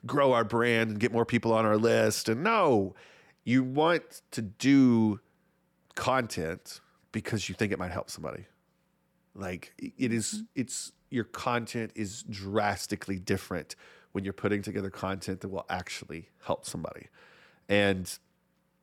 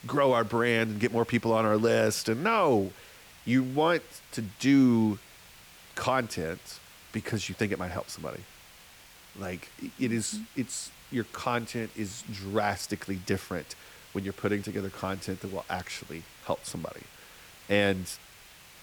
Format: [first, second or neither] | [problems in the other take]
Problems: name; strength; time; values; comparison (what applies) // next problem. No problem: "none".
first | hiss; faint; throughout; 20 dB below the speech